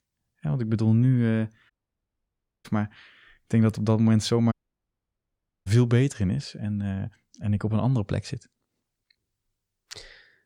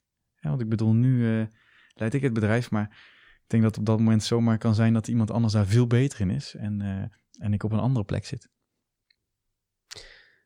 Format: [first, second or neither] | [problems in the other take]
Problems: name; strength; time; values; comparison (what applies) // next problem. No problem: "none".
second | audio cutting out; at 1.5 s for 1 s and at 4.5 s for 1 s